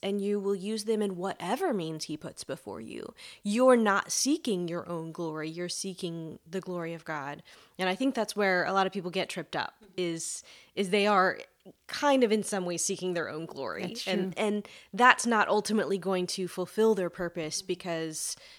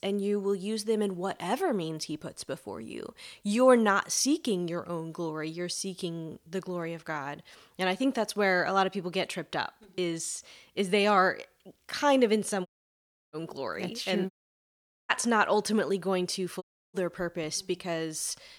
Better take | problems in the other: first | audio cutting out; at 13 s for 0.5 s, at 14 s for 1 s and at 17 s

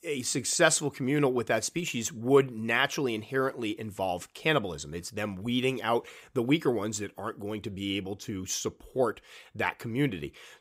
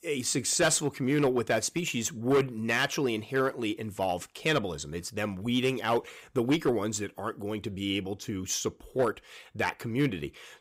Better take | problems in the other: first | distortion; slight; 3% of the sound clipped

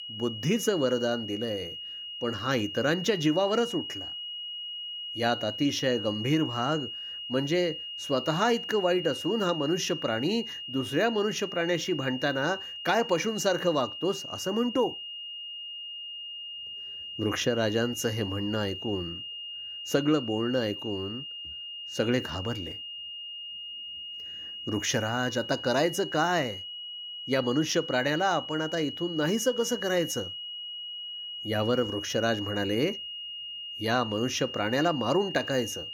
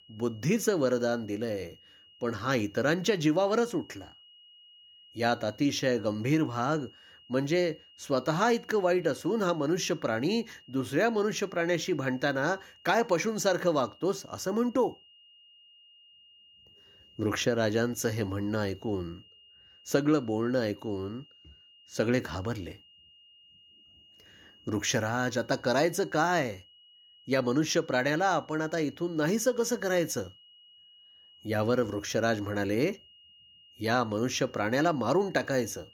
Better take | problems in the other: second | high-pitched whine; loud; throughout; 3 kHz, 7 dB below the speech; faint in the second

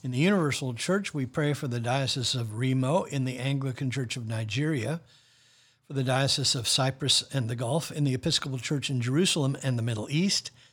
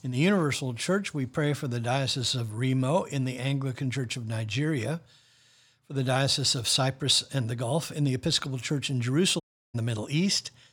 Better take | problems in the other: first | audio cutting out; at 9.5 s

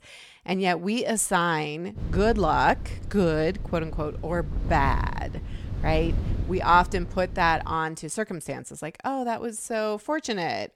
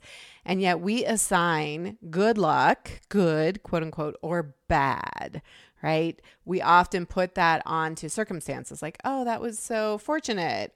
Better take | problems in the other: second | wind noise on the microphone; occasional gusts; from 2 to 7.5 s; 20 dB below the speech

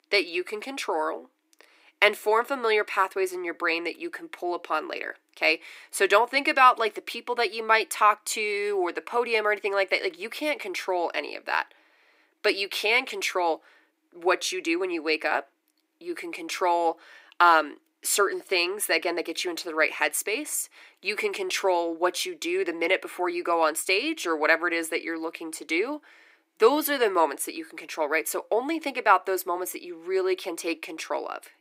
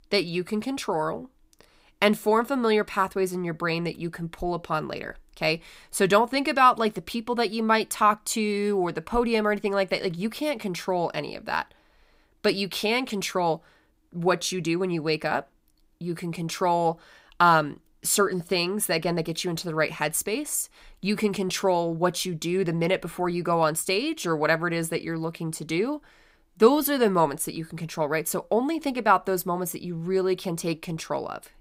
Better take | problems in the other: second | thin; somewhat; fading below 300 Hz

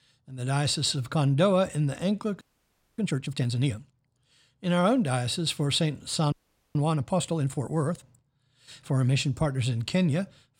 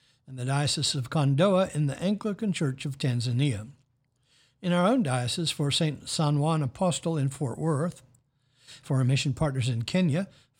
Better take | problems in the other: second | audio freezing; at 2.5 s for 0.5 s and at 6.5 s

